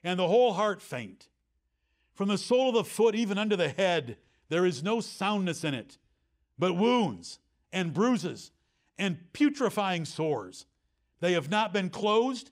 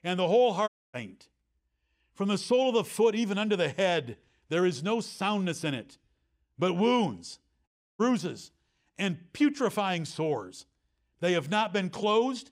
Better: first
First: none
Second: audio cutting out; at 0.5 s and at 7.5 s

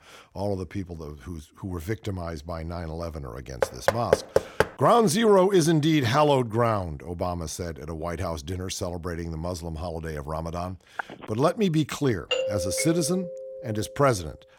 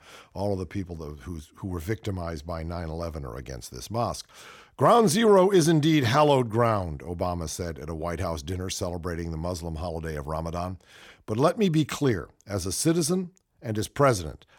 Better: second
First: door banging; loud; from 3.5 to 4.5 s; peak 2 dB above the speech // phone ringing; faint; at 11 s; peak 10 dB below the speech // doorbell; noticeable; from 12 to 14 s; peak 1 dB below the speech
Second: none

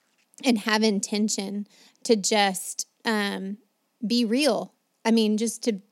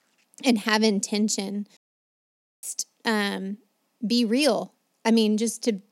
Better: first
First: none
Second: audio cutting out; at 2 s for 1 s

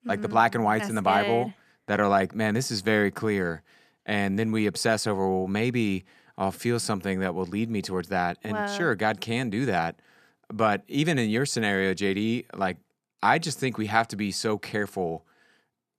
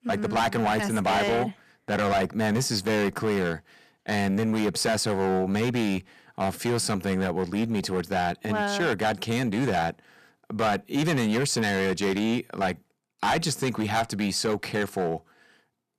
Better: first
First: none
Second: distortion; heavy; 13% of the sound clipped

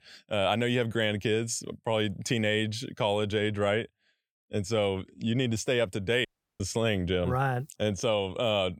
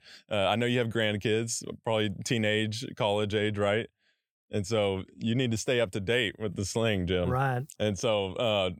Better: second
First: audio cutting out; at 6.5 s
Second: none

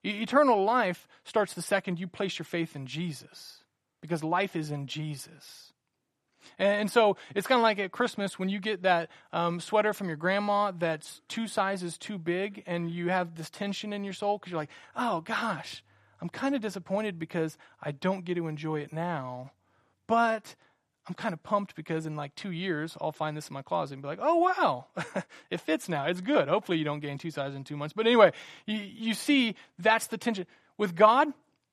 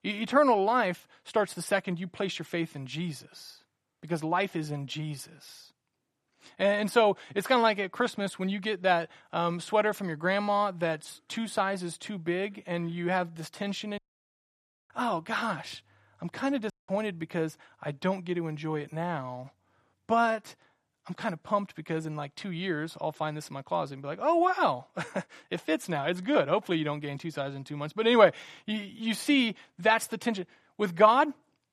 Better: first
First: none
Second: audio cutting out; at 14 s for 1 s and at 17 s

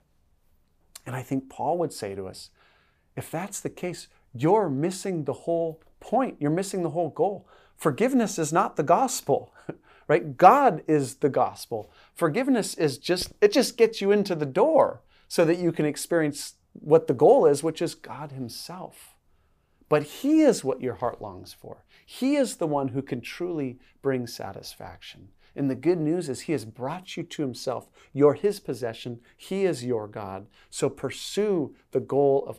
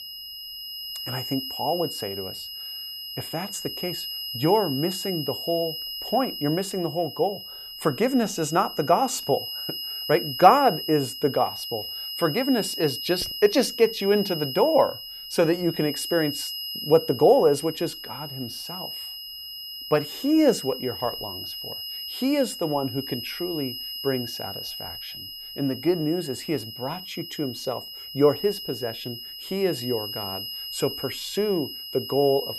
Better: first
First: none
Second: high-pitched whine; loud; throughout; 5 kHz, 8 dB below the speech

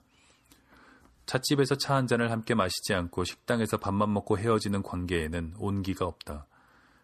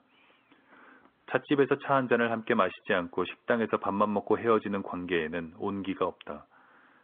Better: first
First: none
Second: phone-call audio; nothing above 3.5 kHz

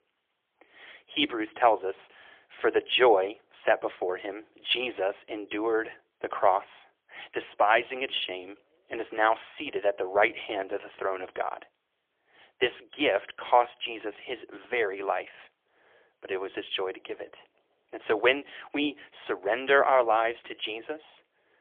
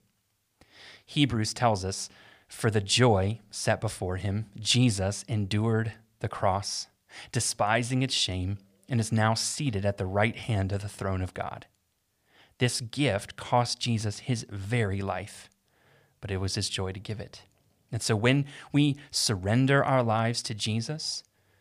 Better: second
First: phone-call audio; poor line; nothing above 3.5 kHz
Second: none

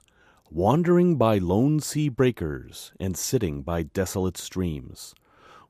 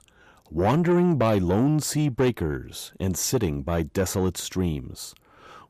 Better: first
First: none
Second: distortion; slight; 10 dB below the speech

